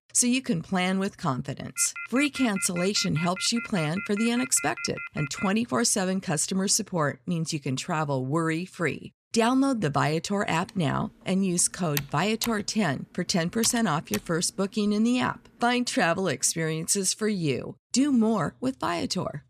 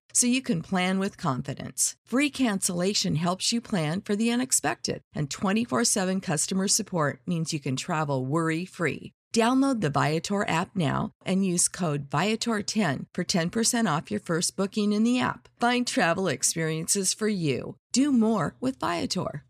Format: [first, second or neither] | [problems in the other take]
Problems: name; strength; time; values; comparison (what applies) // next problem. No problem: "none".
second | phone ringing; noticeable; from 2 to 5.5 s; peak 10 dB below the speech // keyboard typing; noticeable; from 11 to 14 s; peak 8 dB below the speech